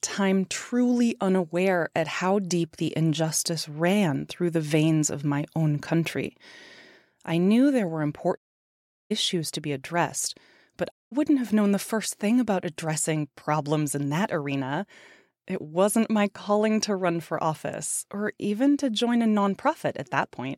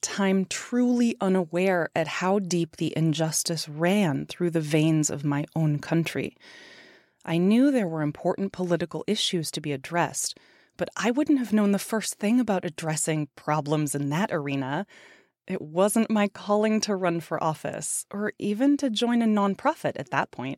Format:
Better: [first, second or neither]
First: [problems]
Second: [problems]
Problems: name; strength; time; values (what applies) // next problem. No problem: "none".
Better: second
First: audio cutting out; at 8.5 s for 0.5 s and at 11 s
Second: none